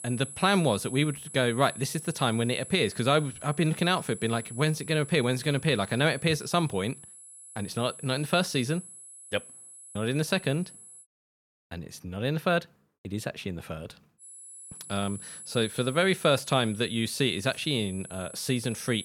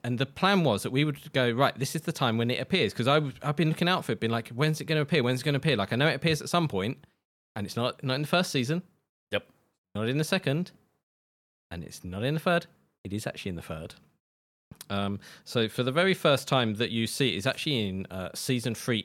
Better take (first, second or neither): second